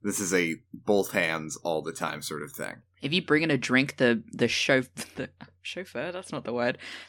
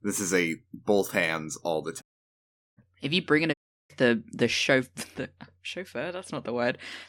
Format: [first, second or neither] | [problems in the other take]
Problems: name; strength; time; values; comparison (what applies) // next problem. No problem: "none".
first | audio cutting out; at 2 s for 1 s and at 3.5 s